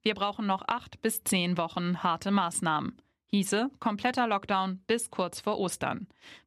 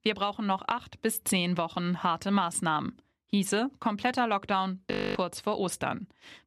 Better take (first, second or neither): first